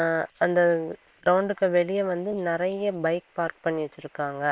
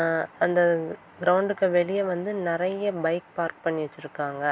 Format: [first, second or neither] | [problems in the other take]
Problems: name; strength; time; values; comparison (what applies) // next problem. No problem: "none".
second | noise reduction (neural separator model SepFormer WHAM!)